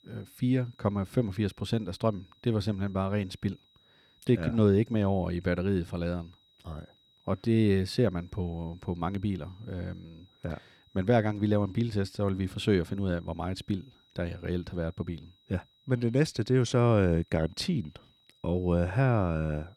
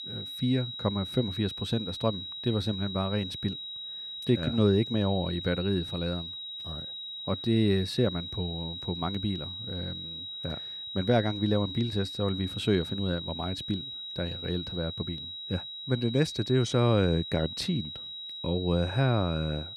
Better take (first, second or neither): first